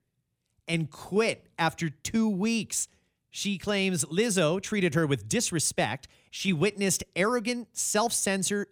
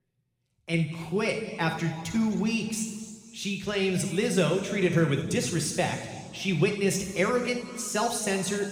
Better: first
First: none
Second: room echo; noticeable; dies away in 1.8 s // off-mic speech; somewhat distant

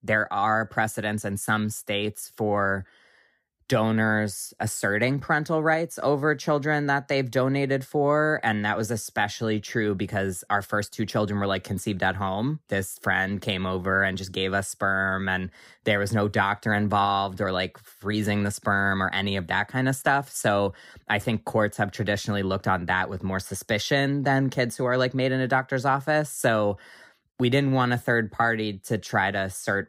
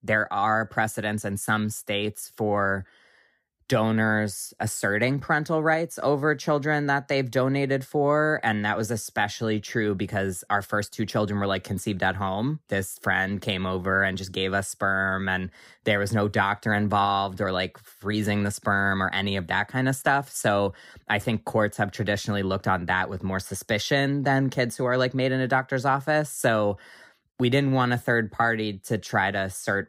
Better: neither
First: none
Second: none

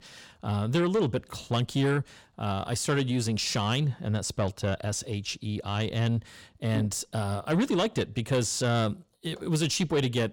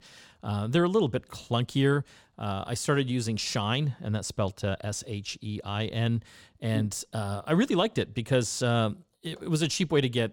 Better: second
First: distortion; slight; 10 dB below the speech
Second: none

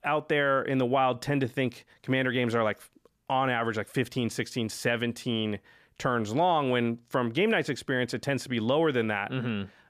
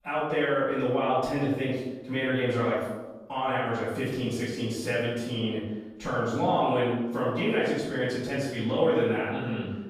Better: first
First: none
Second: off-mic speech; far // room echo; strong; dies away in 0.9 s

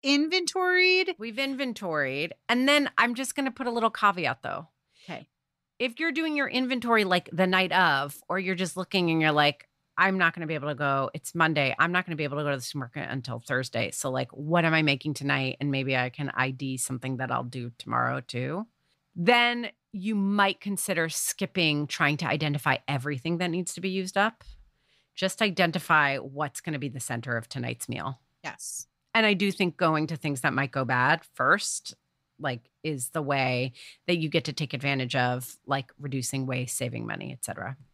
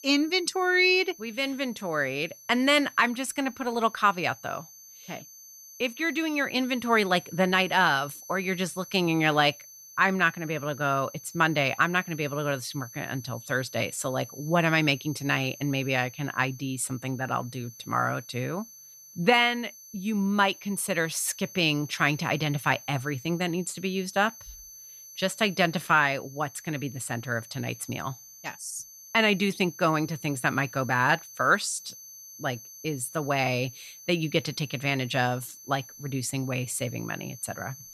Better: first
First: none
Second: high-pitched whine; noticeable; throughout; 6 kHz, 20 dB below the speech

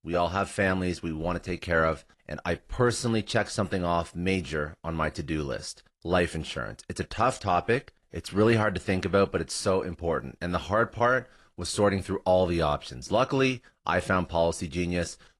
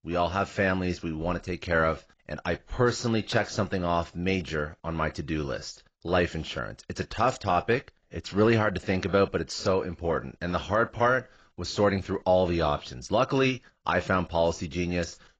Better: first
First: garbled, watery; slightly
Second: garbled, watery; badly; nothing above 7.5 kHz

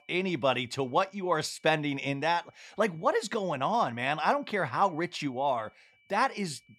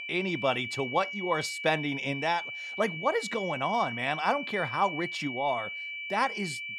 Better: first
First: high-pitched whine; faint; throughout; 2.5 kHz, 35 dB below the speech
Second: high-pitched whine; loud; throughout; 2.5 kHz, 5 dB below the speech

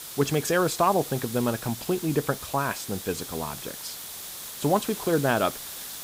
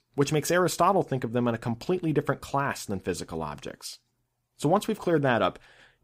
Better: second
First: hiss; loud; throughout; 9 dB below the speech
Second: none

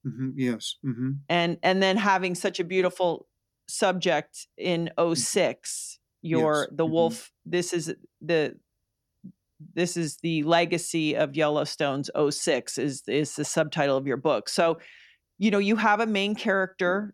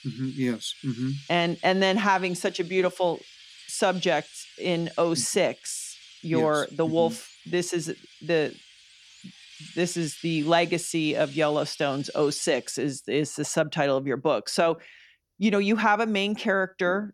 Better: first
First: none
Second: animal sounds; faint; until 13 s; 20 dB below the speech

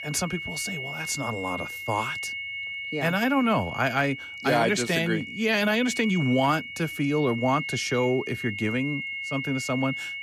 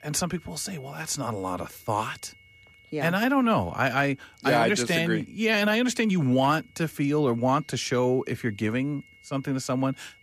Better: second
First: high-pitched whine; loud; throughout; 2 kHz, 6 dB below the speech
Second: high-pitched whine; faint; throughout; 2 kHz, 30 dB below the speech

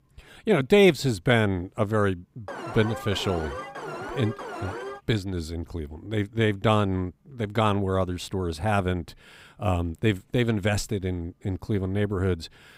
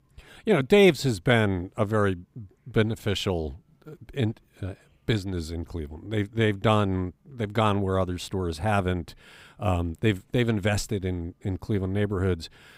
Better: second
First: alarm; noticeable; from 2.5 to 5 s; peak 9 dB below the speech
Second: none

